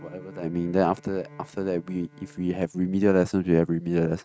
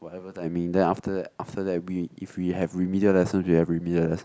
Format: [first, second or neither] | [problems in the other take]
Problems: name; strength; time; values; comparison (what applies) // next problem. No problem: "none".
second | noise reduction (neural mask model RNNoise)